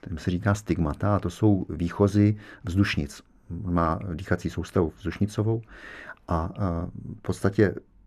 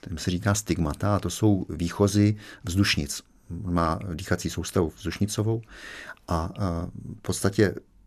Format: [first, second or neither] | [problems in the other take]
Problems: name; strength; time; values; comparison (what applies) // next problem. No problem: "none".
second | muffled; slightly; fading above 3 kHz